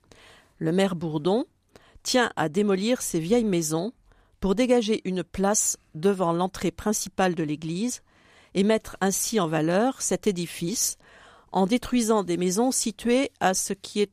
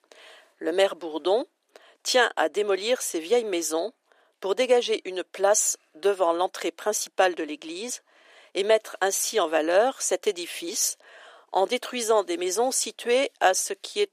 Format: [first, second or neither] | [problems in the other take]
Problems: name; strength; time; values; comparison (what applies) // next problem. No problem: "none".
first | thin; very; fading below 350 Hz